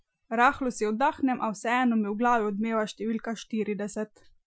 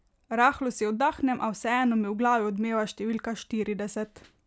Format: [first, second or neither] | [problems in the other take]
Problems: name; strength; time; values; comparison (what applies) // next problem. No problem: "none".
second | noise reduction (classical method Wiener filter)